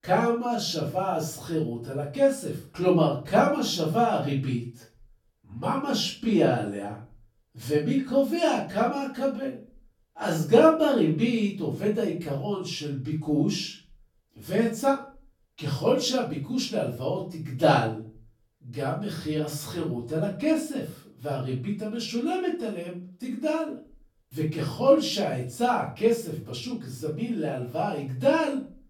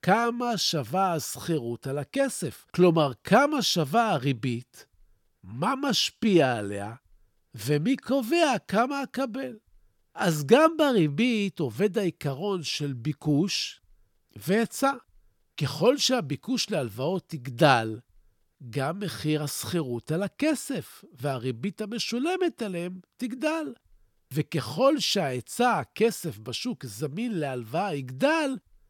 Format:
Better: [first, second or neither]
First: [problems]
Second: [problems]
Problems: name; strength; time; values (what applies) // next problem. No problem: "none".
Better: second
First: off-mic speech; far // room echo; slight; dies away in 0.4 s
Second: none